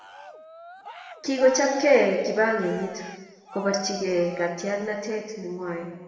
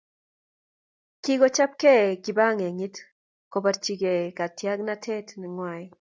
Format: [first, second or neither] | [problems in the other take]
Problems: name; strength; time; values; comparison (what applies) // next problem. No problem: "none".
second | background sound (Cheering); 16 dB below the speech // room echo; dies away in 1.2 s